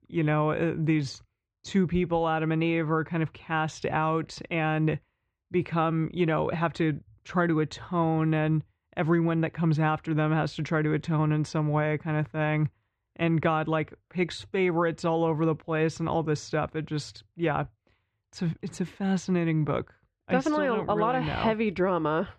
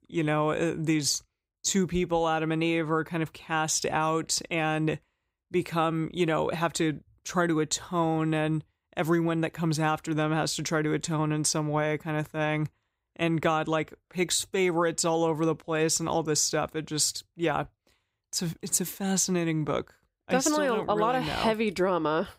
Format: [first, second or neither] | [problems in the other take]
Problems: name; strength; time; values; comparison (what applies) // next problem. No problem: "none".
second | muffled; very; fading above 2.5 kHz